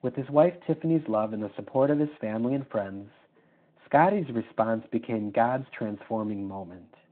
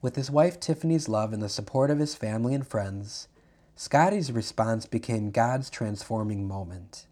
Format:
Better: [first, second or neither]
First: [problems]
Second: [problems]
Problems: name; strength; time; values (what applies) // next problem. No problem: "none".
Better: second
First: phone-call audio; nothing above 4 kHz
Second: none